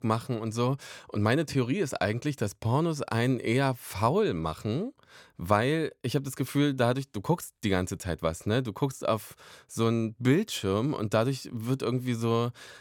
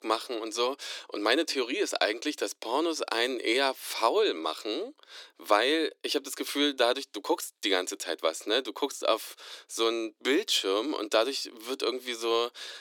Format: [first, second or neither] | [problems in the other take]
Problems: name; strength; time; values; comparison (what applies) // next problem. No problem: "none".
first | thin; somewhat; fading below 300 Hz